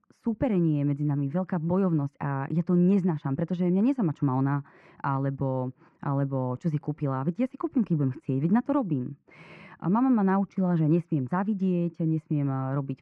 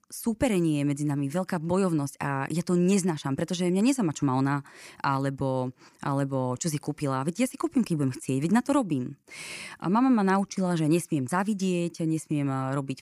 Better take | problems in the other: second | muffled; very; fading above 1.5 kHz

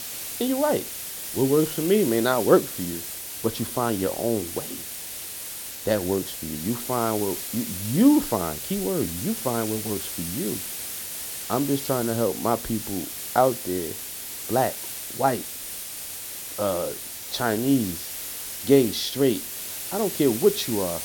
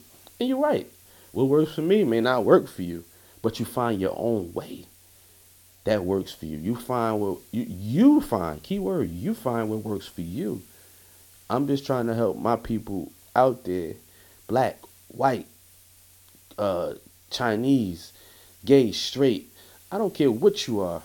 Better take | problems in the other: second | hiss; loud; throughout; 6 dB below the speech; faint in the second

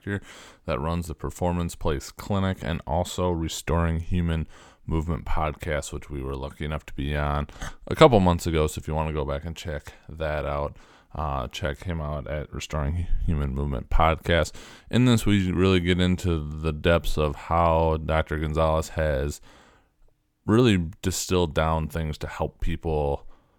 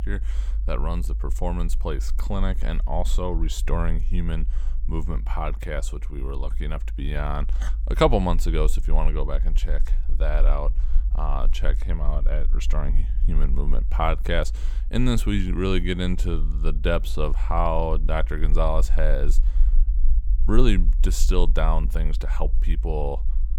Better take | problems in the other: first | low rumble; faint; throughout; 20 dB below the speech

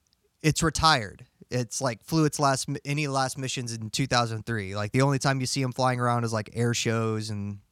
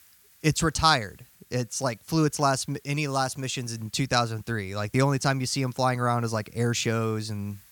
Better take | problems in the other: first | hiss; faint; throughout; 30 dB below the speech

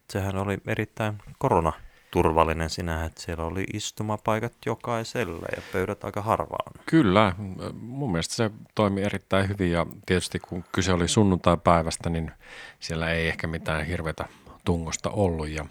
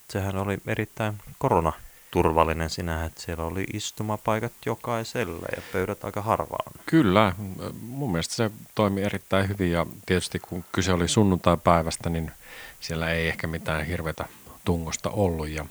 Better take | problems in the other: first | hiss; faint; throughout; 20 dB below the speech

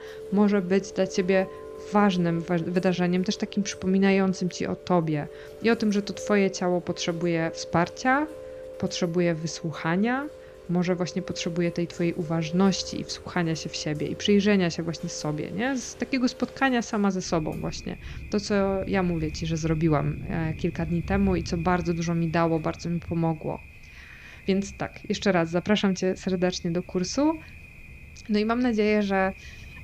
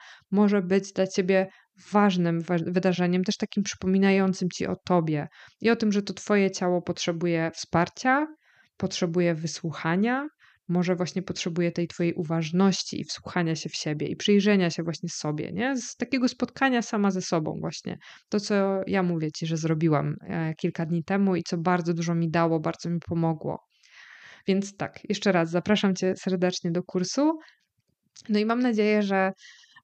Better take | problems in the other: second | rain or running water; noticeable; throughout; 15 dB below the speech

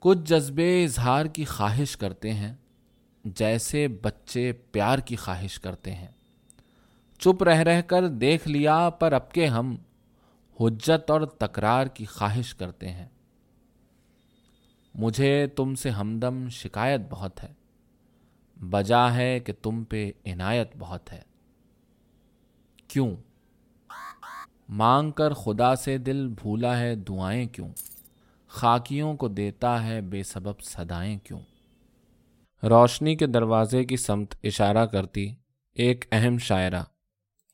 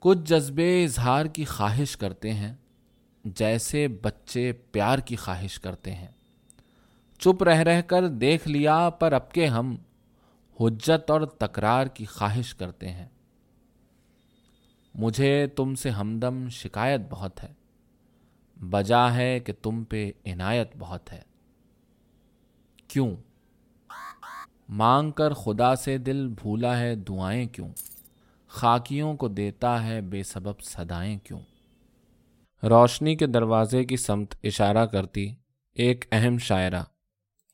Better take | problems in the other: neither | alarm; faint; at 24 s; peak 15 dB below the speech; the same in both // jangling keys; faint; at 28 s; peak 15 dB below the speech; the same in both

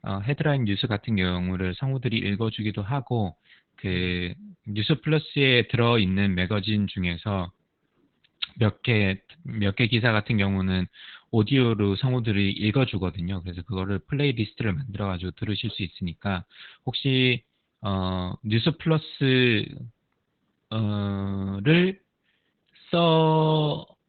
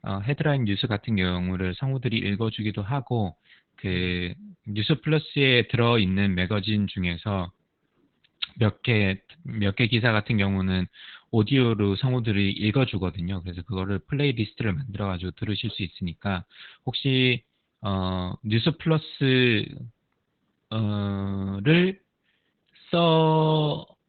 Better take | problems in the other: neither | garbled, watery; badly; nothing above 4 kHz; the same in both

